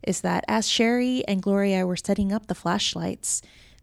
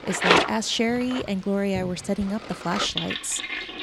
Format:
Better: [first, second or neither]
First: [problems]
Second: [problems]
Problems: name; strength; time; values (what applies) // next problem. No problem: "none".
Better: first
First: none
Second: household noises; very loud; throughout; 2 dB above the speech